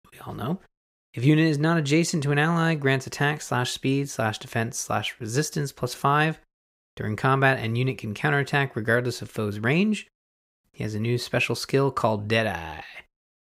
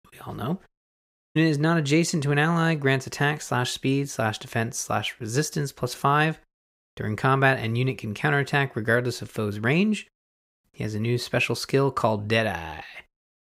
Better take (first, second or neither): first